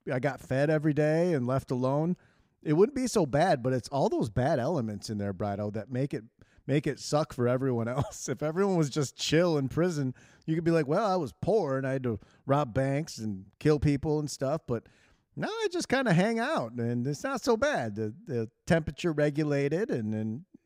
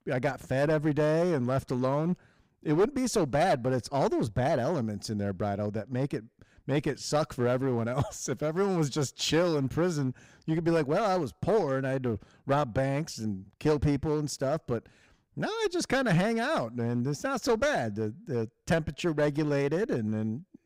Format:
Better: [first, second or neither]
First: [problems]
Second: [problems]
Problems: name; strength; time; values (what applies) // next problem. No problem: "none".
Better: first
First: none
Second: distortion; slight; 7% of the sound clipped